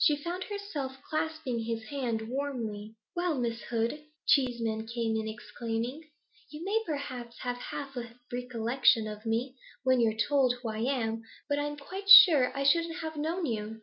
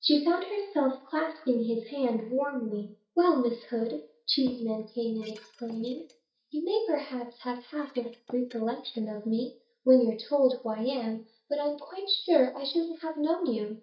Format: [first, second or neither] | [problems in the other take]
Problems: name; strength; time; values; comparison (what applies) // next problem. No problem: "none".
first | noise reduction (neural mask model DeepFilterNet 3)